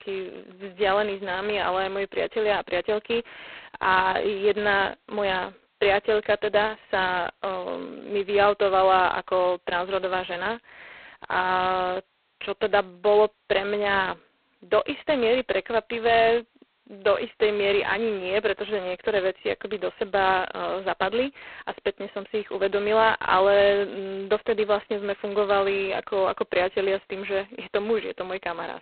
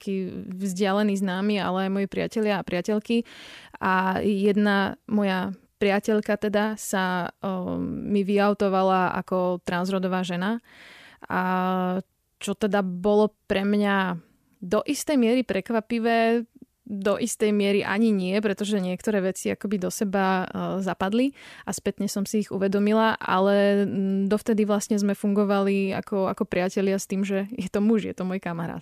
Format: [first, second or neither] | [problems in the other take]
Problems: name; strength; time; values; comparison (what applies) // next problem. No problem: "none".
second | phone-call audio; poor line; nothing above 4 kHz